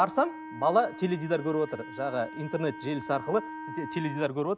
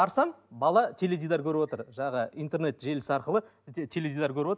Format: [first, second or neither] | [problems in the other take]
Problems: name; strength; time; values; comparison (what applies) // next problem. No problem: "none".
second | background sound (Wind instrument, woodwind instrument); 12 dB below the speech